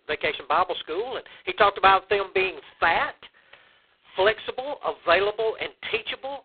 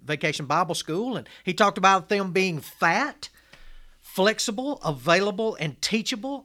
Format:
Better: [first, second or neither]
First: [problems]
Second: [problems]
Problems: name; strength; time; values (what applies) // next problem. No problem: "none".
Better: second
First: phone-call audio; poor line; nothing above 4 kHz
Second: none